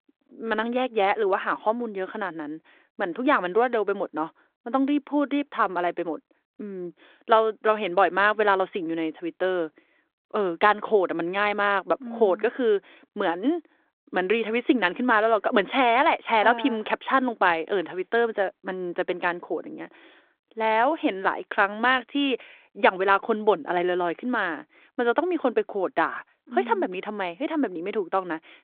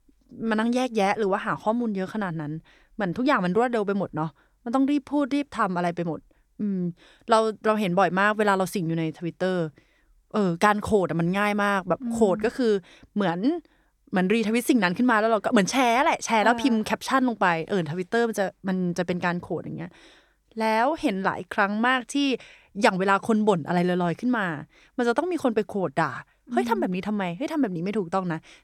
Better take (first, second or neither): second